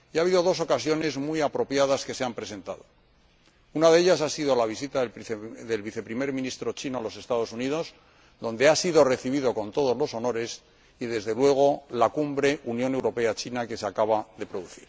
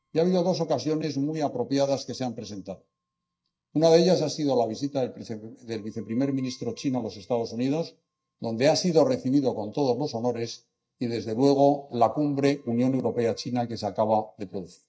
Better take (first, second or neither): first